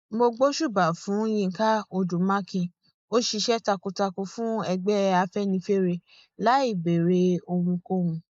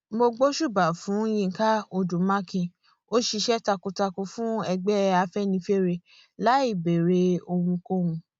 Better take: second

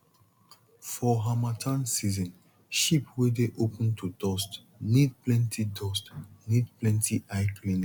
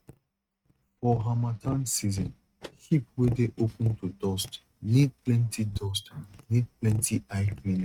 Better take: first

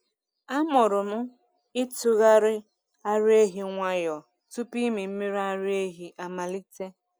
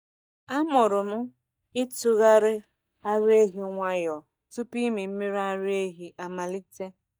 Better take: first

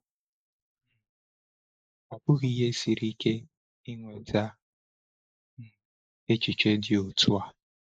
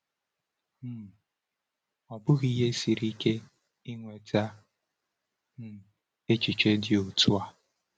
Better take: second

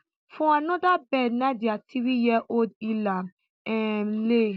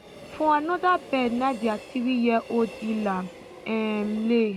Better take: first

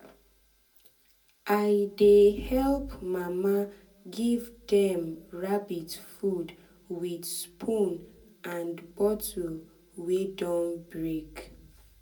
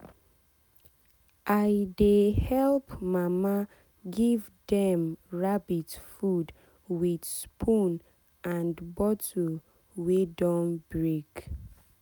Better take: second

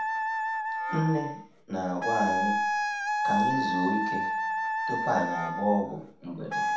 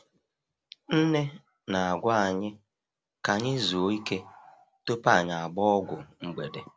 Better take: second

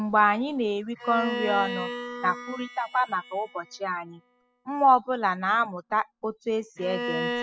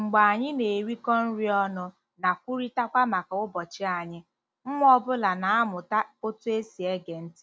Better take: second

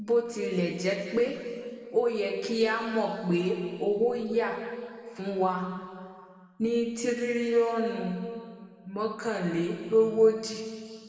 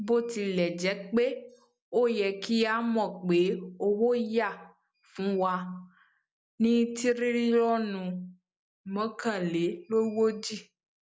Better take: second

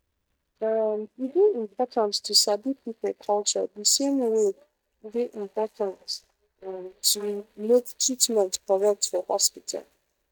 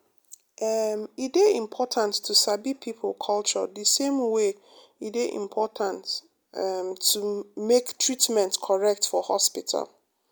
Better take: second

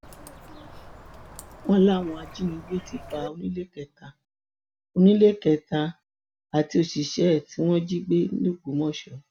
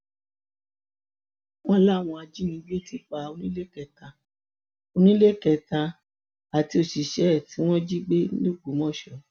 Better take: second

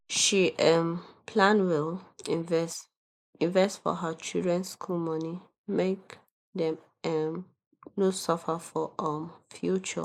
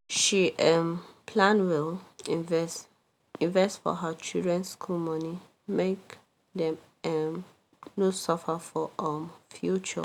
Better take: second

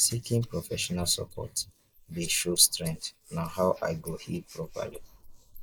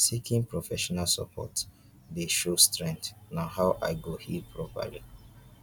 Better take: second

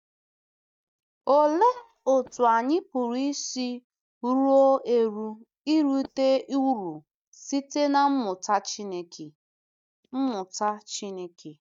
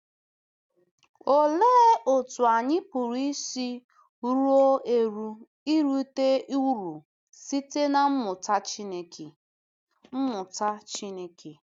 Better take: second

